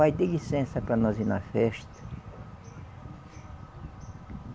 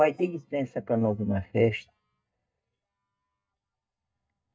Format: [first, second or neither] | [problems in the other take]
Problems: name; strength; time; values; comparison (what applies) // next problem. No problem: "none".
first | noise reduction (neural mask model DeepFilterNet 3)